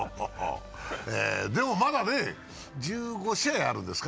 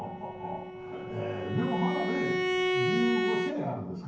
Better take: first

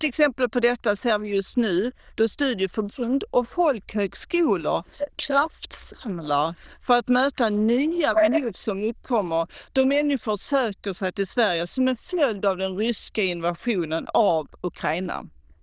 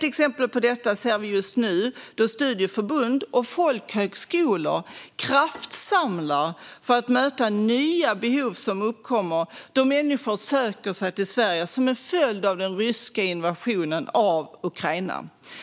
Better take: second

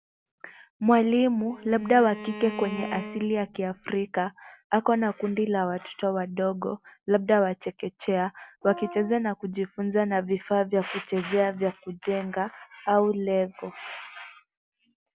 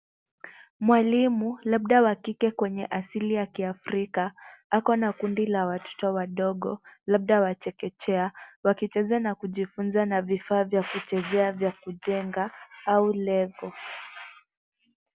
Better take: second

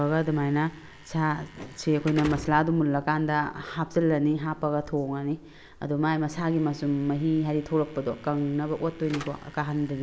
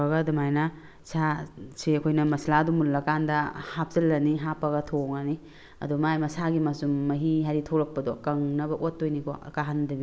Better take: second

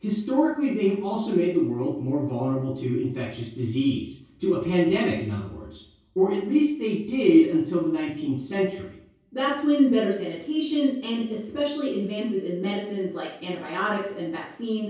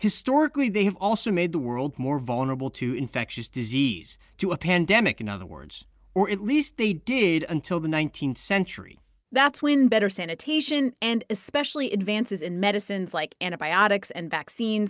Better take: second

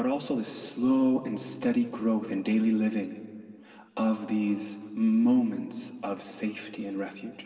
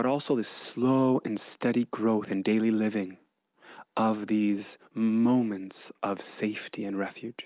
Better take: second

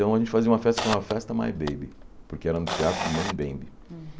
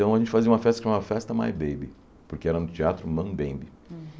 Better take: second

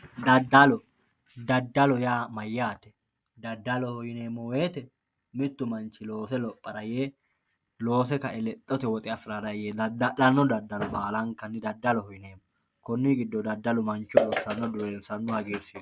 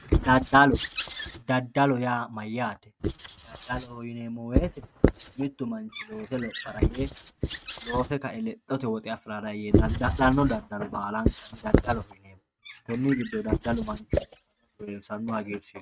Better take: first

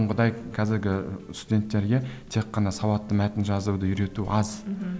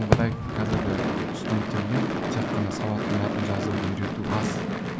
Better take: first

